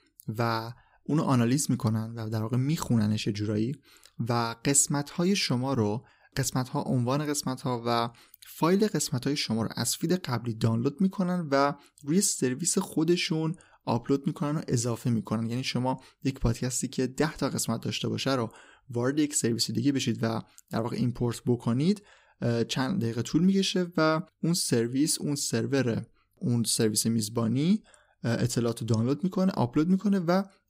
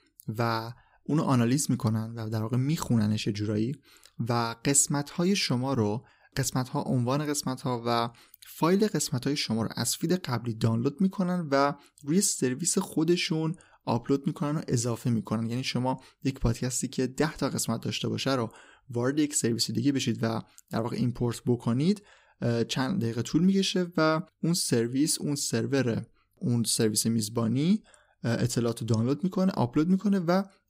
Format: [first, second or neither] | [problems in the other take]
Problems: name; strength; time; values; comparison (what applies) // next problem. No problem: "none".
neither | none